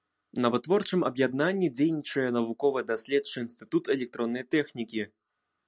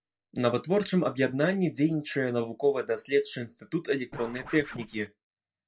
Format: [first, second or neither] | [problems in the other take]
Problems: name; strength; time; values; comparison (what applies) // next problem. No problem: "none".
first | noise reduction (neural mask model DeepFilterNet 3)